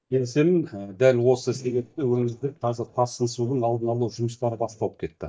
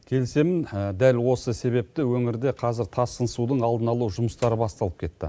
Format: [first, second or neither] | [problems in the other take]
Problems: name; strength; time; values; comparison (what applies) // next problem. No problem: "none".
second | noise reduction (neural mask model DeepFilterNet 3)